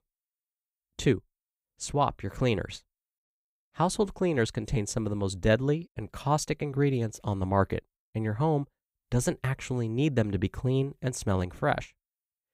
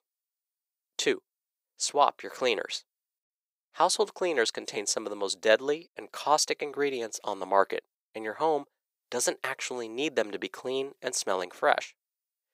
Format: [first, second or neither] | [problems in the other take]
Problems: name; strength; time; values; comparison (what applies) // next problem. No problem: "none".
first | thin; very; fading below 450 Hz